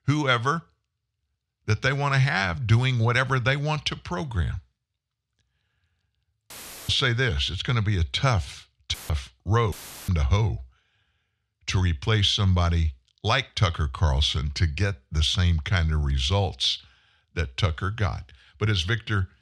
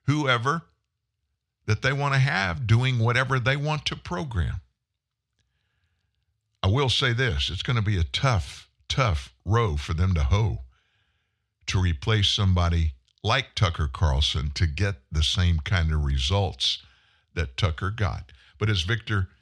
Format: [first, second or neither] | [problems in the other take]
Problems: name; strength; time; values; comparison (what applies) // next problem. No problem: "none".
second | audio cutting out; filled with static; at 6.5 s, at 9 s and at 9.5 s